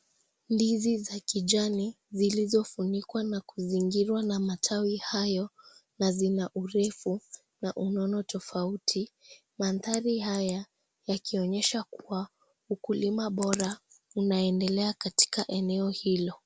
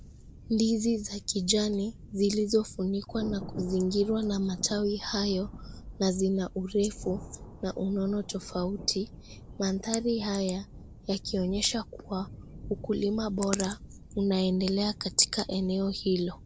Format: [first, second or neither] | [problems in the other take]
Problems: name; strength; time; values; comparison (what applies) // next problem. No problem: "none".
first | background sound (Thunder); 15 dB below the speech